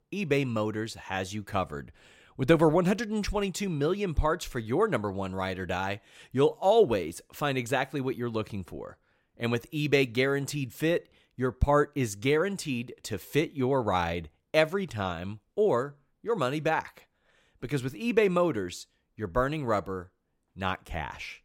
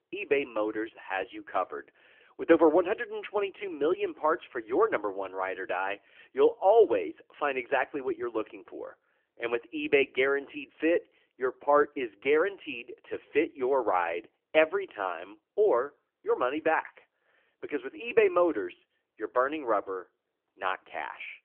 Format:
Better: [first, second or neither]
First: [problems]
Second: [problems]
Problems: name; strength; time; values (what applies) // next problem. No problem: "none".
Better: first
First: none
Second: phone-call audio; nothing above 3 kHz